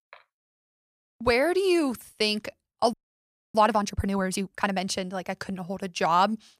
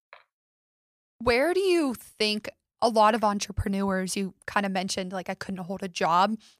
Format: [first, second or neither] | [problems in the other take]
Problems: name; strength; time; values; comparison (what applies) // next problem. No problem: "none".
second | audio freezing; at 3 s for 0.5 s